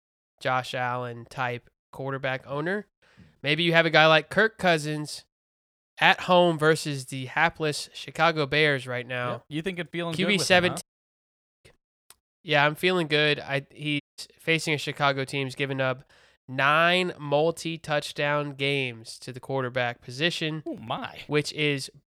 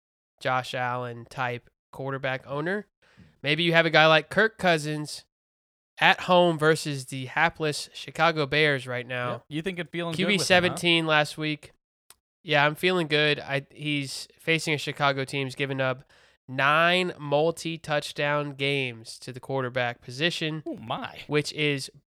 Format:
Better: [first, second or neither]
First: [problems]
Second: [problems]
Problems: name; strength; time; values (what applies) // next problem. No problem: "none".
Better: second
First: audio cutting out; at 11 s for 1 s and at 14 s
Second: none